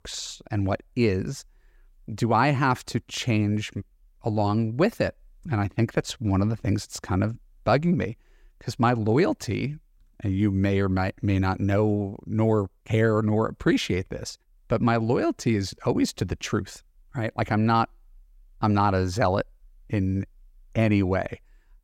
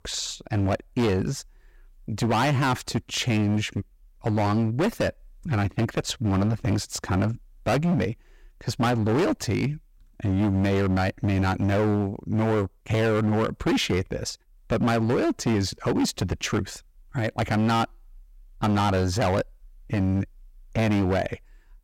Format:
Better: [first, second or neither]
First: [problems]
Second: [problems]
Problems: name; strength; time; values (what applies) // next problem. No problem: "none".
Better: first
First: none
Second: distortion; heavy; 16% of the sound clipped